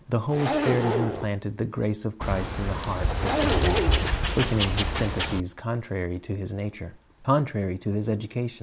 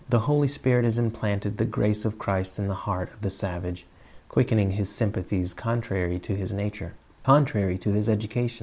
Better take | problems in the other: second | background sound (Wild animals + Zipper (clothing)); 2 dB above the speech

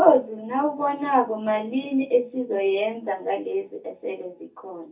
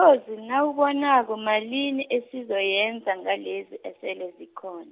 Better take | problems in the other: second | room echo; dies away in 0.3 s

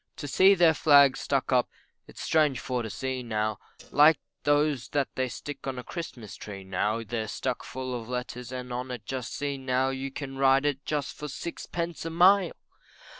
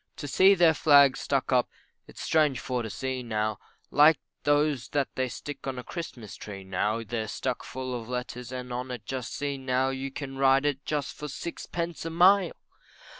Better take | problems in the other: second | noise reduction (neural separator model SepFormer DNS4)

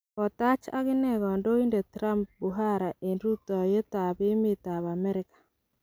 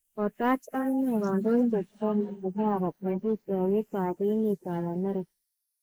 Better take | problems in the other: first | noise reduction (neural mask model Resemble Enhance denoiser)

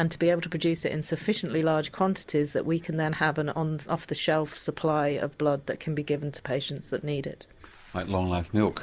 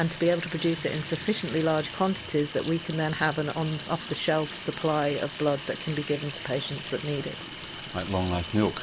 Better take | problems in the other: first | background sound (Sink (filling or washing) / Water tap, faucet); 11 dB below the speech

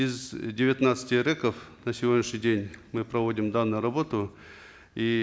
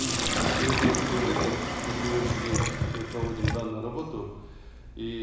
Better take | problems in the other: first | background sound (Sink (filling or washing)); 4 dB above the speech // room echo; dies away in 1 s

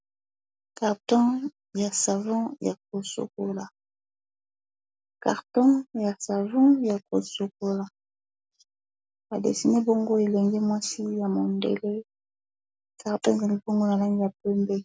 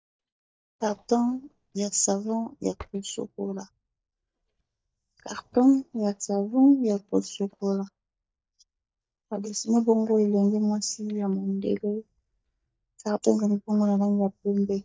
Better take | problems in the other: first | noise reduction (neural mask model DeepFilterNet 3)

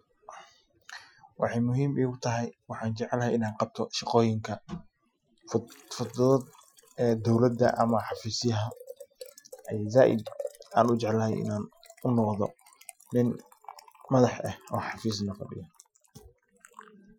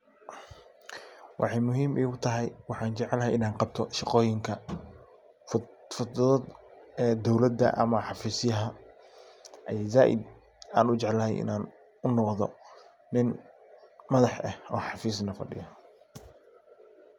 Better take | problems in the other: second | noise reduction (classical method Wiener filter)

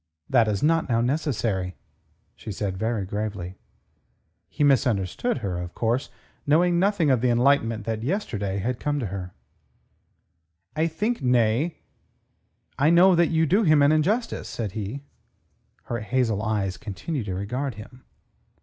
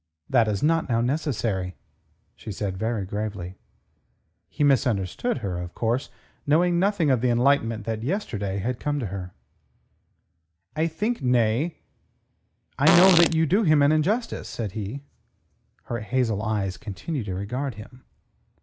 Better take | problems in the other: first | background sound (Fart); as loud as the speech

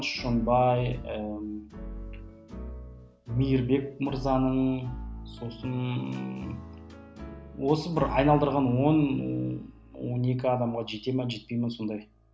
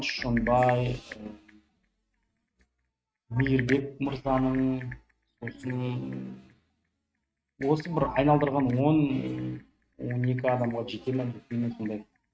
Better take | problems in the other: first | noise reduction (neural mask model RNNoise)

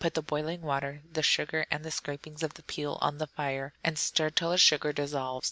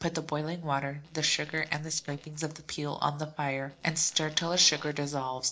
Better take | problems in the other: first | noise reduction (neural separator model SepFormer DNS4)

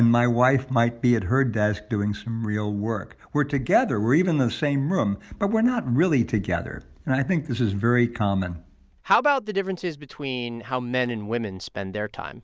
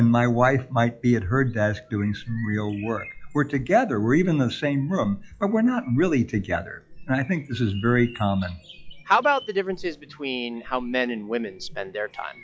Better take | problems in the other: first | noise reduction (classical method log-MMSE)

